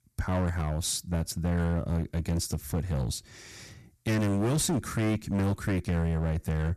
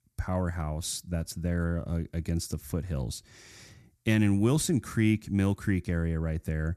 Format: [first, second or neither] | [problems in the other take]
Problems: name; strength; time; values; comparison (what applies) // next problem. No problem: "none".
second | distortion; heavy; 15% of the sound clipped